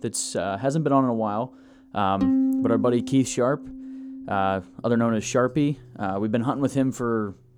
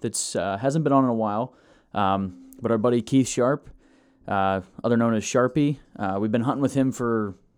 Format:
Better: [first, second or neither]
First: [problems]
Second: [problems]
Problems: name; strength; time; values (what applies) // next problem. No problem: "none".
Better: second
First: background music; loud; throughout; 3 dB below the speech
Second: background music; faint; throughout; 30 dB below the speech